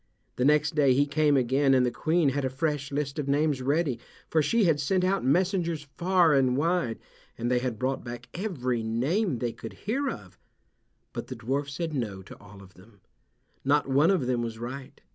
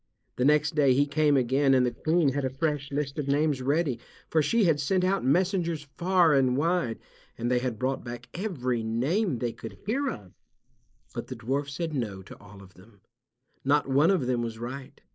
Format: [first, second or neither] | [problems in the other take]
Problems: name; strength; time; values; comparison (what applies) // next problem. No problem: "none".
first | noise reduction (neural mask model Resemble Enhance denoiser)